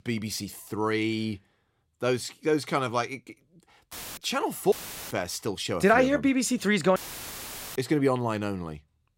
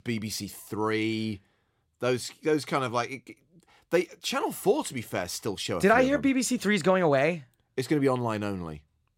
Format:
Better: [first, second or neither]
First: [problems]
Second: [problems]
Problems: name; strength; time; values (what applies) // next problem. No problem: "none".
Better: second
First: audio cutting out; filled with static; at 4 s, at 4.5 s and at 7 s for 1 s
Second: none